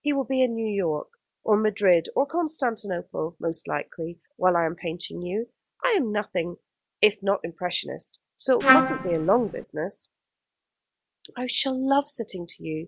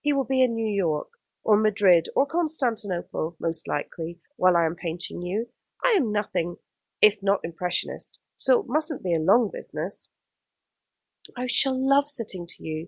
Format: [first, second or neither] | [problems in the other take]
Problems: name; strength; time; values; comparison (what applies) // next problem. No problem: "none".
second | background sound (Trumpet); 3 dB above the speech